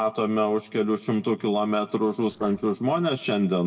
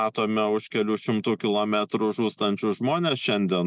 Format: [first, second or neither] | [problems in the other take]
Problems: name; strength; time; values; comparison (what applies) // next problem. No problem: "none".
second | noise reduction (neural separator model SepFormer DNS4)